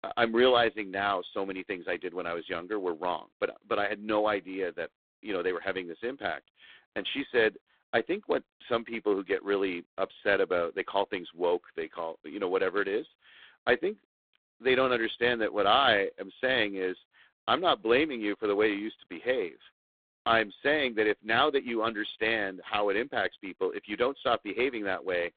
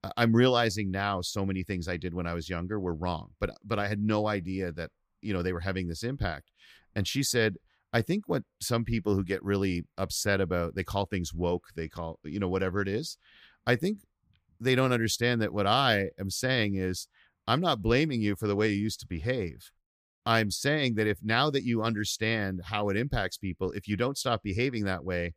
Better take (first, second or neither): second